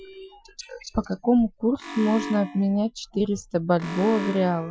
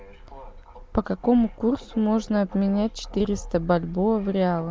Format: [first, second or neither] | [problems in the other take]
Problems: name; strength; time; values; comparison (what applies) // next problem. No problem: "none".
second | noise reduction (classical method Wiener filter)